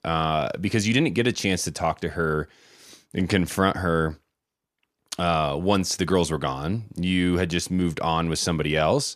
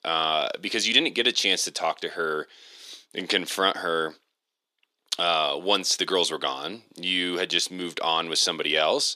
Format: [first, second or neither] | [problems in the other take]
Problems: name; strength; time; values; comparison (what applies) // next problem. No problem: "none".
first | thin; somewhat; fading below 350 Hz